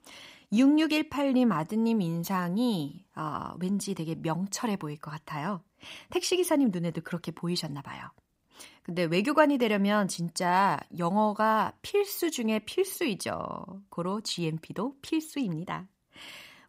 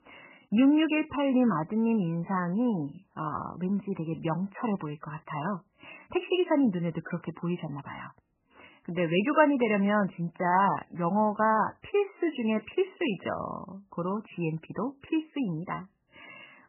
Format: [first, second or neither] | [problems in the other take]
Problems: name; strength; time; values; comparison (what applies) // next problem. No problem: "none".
first | garbled, watery; badly; nothing above 3 kHz